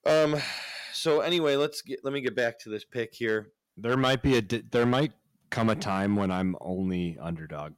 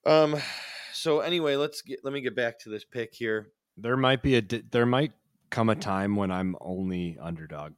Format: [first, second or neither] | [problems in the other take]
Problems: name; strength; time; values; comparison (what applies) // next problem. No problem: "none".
second | distortion; slight; 3% of the sound clipped